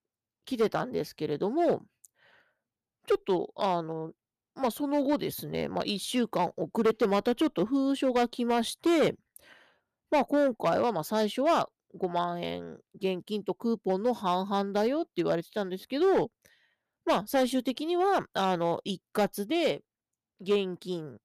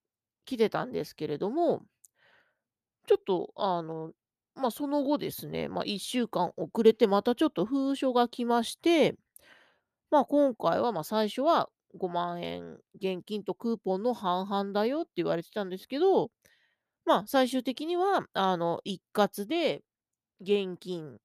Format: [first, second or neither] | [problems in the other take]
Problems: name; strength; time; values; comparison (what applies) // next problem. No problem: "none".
second | distortion; slight; 4% of the sound clipped